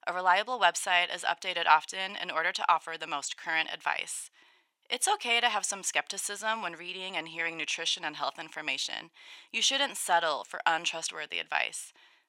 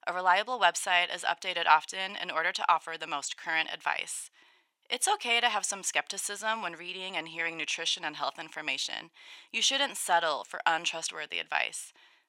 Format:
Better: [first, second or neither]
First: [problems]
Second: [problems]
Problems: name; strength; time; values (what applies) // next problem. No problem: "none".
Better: neither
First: thin; very; fading below 550 Hz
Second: thin; very; fading below 550 Hz